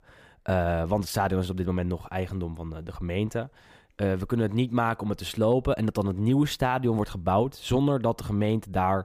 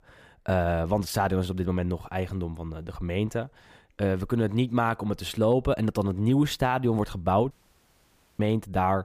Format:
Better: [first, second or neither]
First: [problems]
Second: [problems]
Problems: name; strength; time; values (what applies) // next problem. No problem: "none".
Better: first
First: none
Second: audio cutting out; at 7.5 s for 1 s